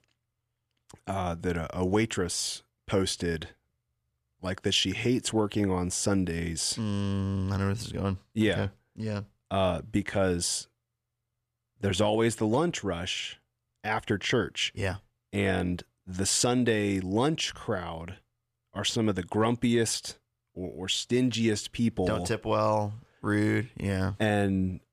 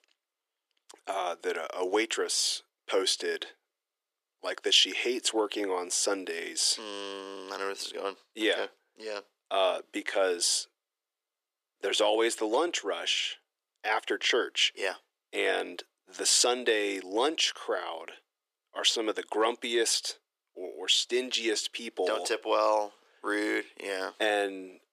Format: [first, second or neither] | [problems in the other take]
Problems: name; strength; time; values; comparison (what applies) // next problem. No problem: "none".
first | thin; very; fading below 350 Hz